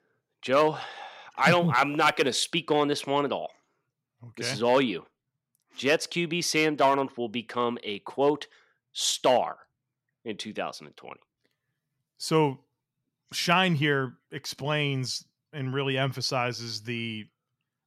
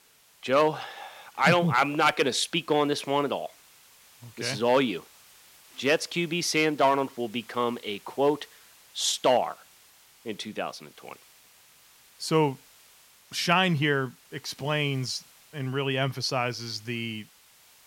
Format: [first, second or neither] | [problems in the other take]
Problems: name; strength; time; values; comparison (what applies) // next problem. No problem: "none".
first | hiss; faint; throughout; 25 dB below the speech